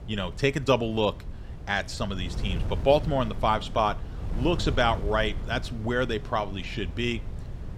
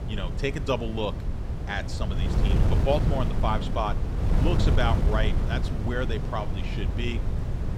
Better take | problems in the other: first | wind noise on the microphone; heavy; 6 dB below the speech; occasional gusts in the first

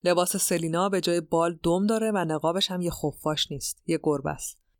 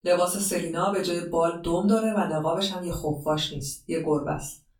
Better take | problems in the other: first | off-mic speech; far // room echo; slight; dies away in 0.3 s

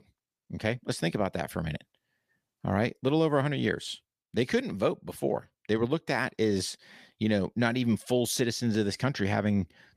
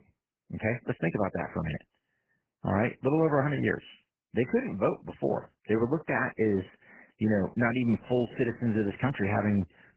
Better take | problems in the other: first | garbled, watery; badly

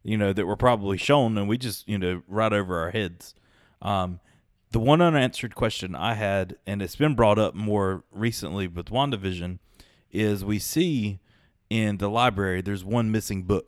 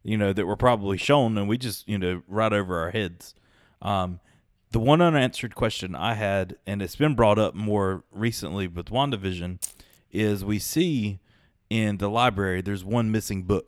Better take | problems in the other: first | jangling keys; noticeable; at 9.5 s; peak 10 dB below the speech

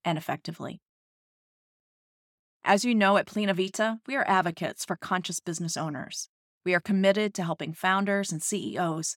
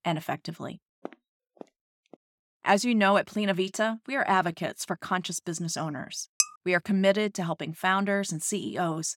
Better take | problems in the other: first | footsteps; faint; from 1 to 2 s; peak 20 dB below the speech // clattering dishes; very faint; at 6.5 s; peak 1 dB above the speech

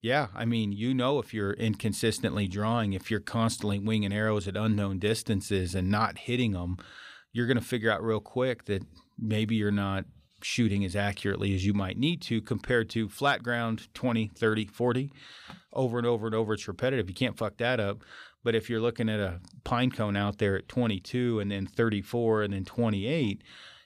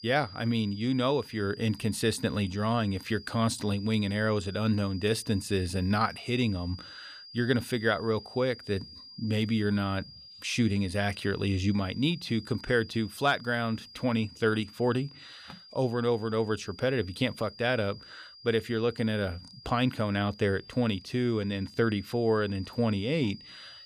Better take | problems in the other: first | high-pitched whine; noticeable; throughout; 5 kHz, 20 dB below the speech

